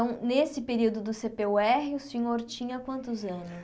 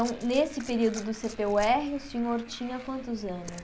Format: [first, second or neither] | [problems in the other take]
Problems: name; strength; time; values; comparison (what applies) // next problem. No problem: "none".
first | background sound (Motorcycle + Liquid); 15 dB below the speech